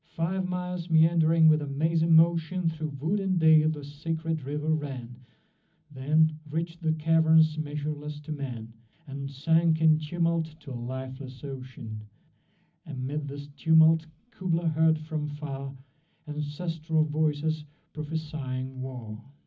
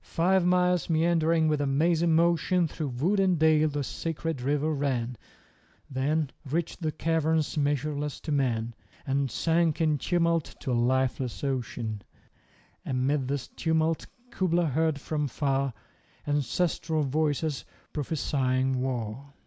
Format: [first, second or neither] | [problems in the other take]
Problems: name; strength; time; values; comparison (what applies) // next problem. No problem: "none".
second | room echo; dies away in 0.4 s